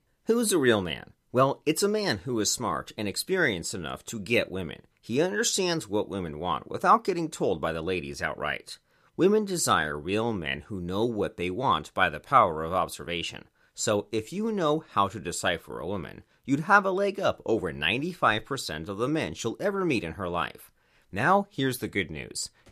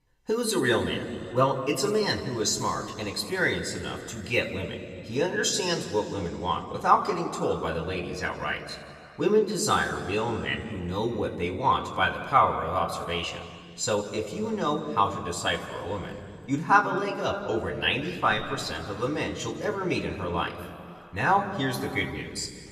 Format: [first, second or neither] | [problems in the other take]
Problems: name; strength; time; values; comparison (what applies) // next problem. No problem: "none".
first | room echo; slight; dies away in 2.3 s // off-mic speech; somewhat distant